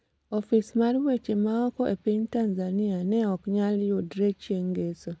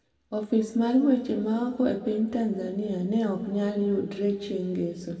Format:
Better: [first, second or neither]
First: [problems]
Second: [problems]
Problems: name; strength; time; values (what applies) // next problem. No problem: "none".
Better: first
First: none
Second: room echo; dies away in 2.1 s